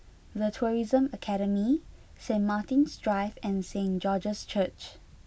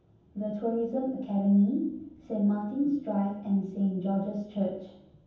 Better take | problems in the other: first | room echo; dies away in 0.9 s

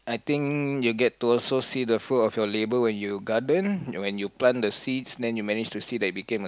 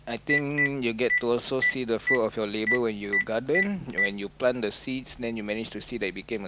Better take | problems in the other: first | background sound (Telephone); 3 dB below the speech

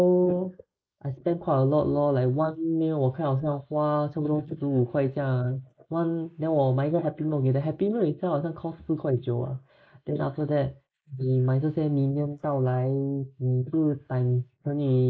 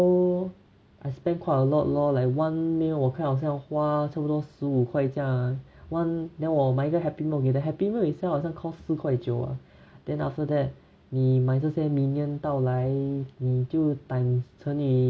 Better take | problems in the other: second | noise reduction (neural mask model Resemble Enhance denoiser)

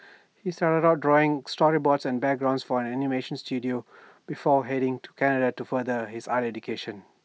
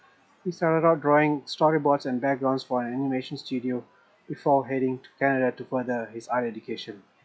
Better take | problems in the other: first | noise reduction (classical method log-MMSE)

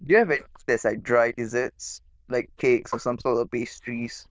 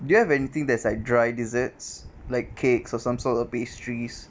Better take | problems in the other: second | noise reduction (neural diffusion model UNIVERSE++)

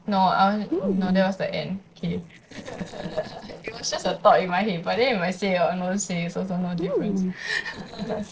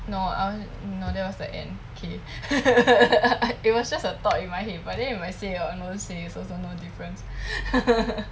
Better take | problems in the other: second | noise reduction (neural separator model SepFormer DNS4)

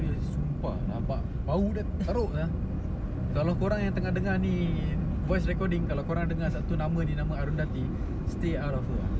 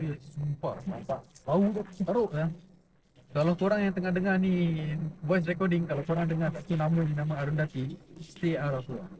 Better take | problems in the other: first | noise reduction (neural separator model SepFormer DNS4)

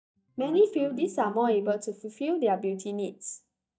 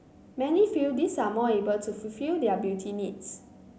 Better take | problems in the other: second | noise reduction (neural mask model DeepFilterNet 3)

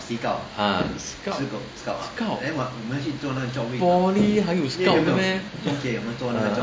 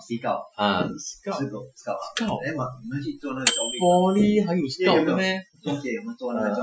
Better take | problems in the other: first | noise reduction (classical method Wiener filter)

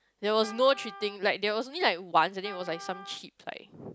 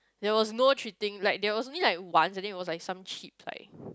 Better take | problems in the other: second | background sound (Wind instrument, woodwind instrument); 18 dB below the speech

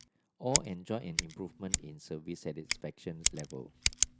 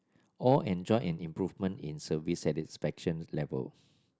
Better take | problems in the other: second | background sound (Scissors); 4 dB above the speech

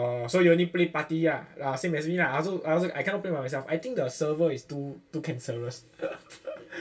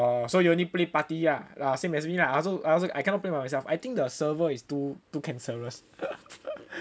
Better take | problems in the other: second | room echo; dies away in 0.2 s

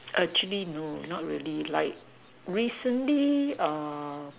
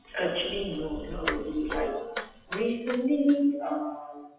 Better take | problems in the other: first | noise reduction (classical method WPE with log-MMSE)

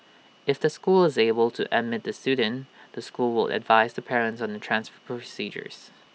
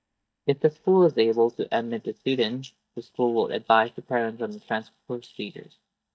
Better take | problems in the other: first | noise reduction (neural mask model DeepFilterNet 3)

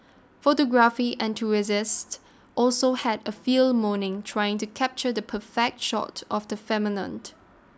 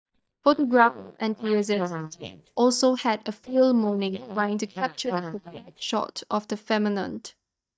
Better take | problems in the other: first | noise reduction (neural mask model DeepFilterNet 3)

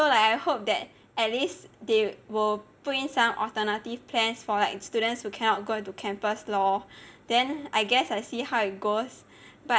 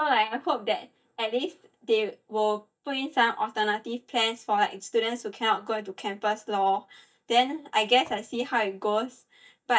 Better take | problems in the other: first | noise reduction (neural mask model DeepFilterNet 3)

